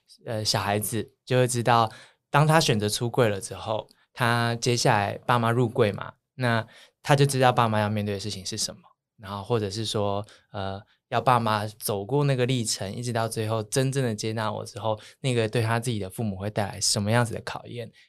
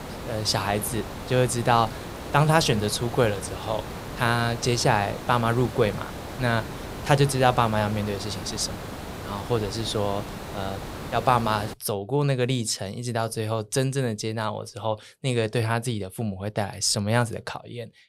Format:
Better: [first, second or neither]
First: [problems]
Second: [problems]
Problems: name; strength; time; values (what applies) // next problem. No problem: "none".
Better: first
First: none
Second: hiss; noticeable; until 12 s; 10 dB below the speech